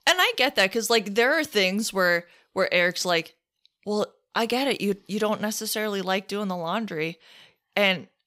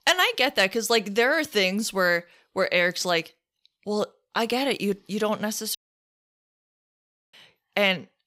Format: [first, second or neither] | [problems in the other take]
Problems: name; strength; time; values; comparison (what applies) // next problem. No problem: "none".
first | audio cutting out; at 6 s for 1.5 s